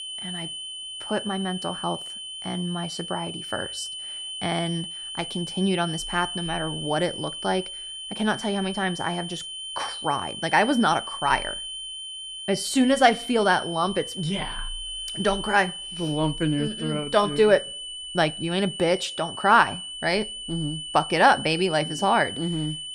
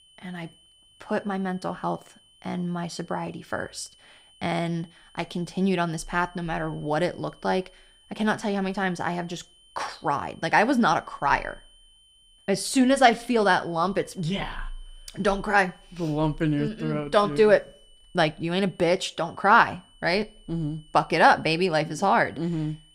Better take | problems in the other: second | high-pitched whine; loud; throughout; 3 kHz, 8 dB below the speech; faint in the second

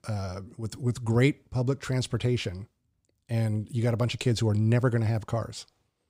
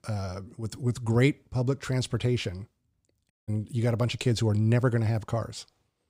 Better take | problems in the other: first | audio cutting out; at 3.5 s

